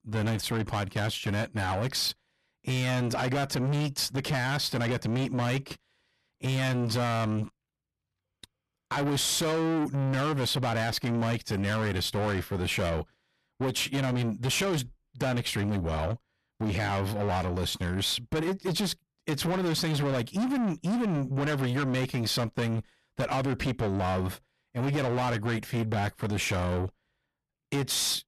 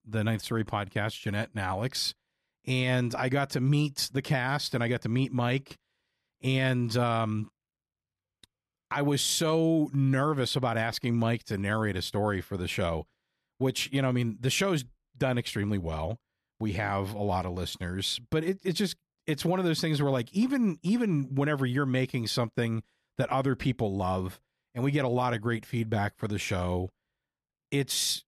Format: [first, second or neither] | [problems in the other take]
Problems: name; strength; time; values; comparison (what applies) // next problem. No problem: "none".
second | distortion; heavy; 7 dB below the speech